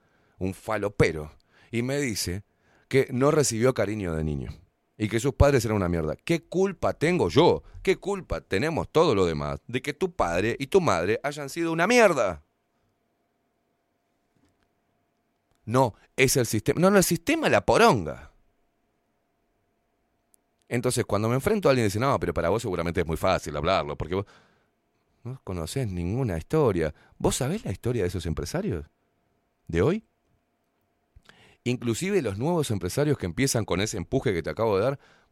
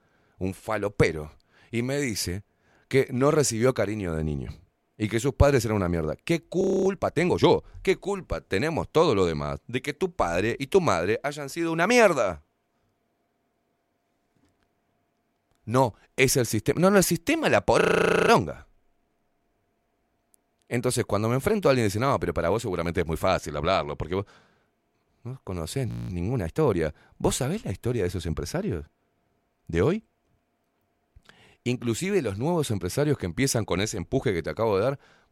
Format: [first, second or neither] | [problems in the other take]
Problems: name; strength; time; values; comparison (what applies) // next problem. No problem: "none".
first | audio freezing; at 6.5 s, at 18 s and at 26 s